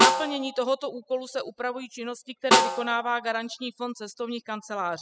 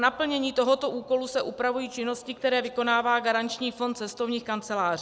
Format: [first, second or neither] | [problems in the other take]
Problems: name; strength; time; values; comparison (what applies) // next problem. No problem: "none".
second | noise reduction (classical method spectral subtraction)